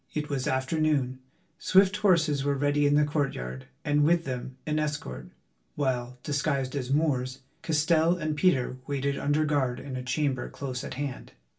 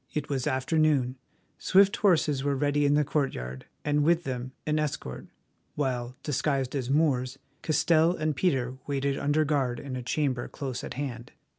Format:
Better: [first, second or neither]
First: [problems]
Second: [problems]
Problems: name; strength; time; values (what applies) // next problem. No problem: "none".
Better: second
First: room echo; dies away in 0.2 s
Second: none